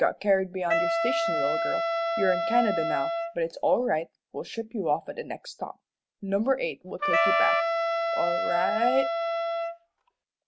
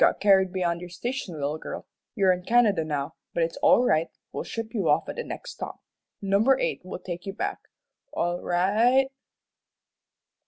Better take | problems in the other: second | background sound (Wind instrument, woodwind instrument + Wind instrument, woodwind instrument); 2 dB above the speech

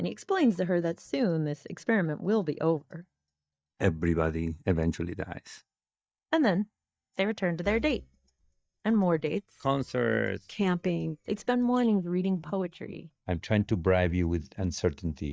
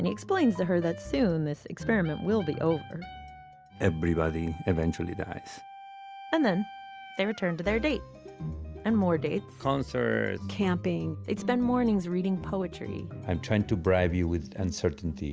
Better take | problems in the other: second | noise reduction (neural mask model DeepFilterNet 3)

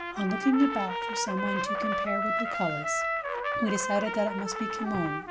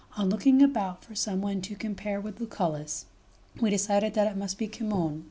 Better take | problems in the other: second | background sound (Trumpet); 1 dB below the speech

